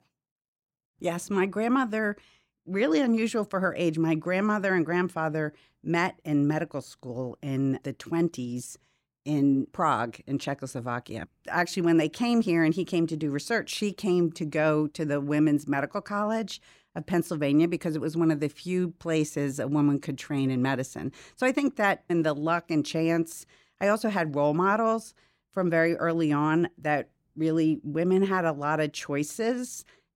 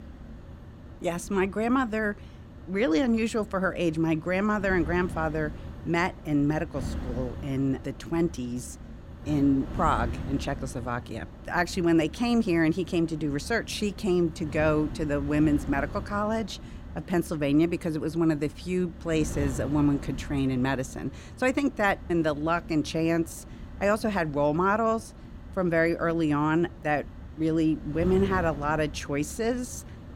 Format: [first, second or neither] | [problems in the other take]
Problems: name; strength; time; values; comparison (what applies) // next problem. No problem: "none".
first | wind noise on the microphone; occasional gusts; 20 dB below the speech